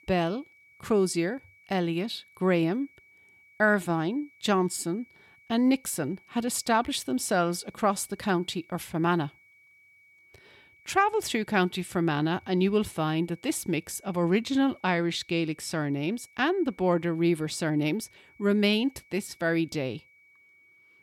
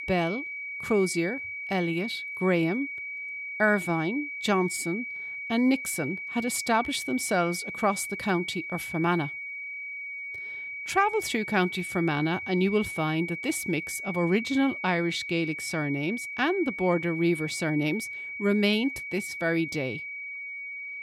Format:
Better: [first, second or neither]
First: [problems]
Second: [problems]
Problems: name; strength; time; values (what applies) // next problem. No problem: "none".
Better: first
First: high-pitched whine; faint; throughout; 2.5 kHz, 30 dB below the speech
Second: high-pitched whine; loud; throughout; 2.5 kHz, 6 dB below the speech